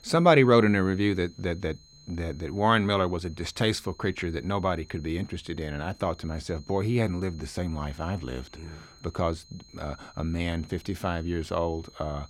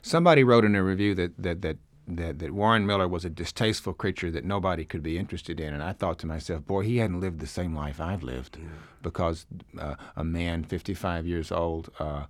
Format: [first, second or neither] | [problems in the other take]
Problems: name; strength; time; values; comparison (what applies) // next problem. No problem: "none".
second | high-pitched whine; faint; throughout; 4 kHz, 25 dB below the speech